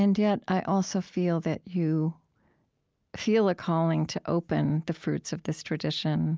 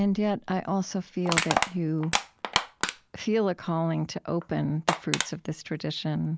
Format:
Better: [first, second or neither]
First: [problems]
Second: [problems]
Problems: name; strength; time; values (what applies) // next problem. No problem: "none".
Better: first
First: none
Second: background sound (Crushing); 4 dB below the speech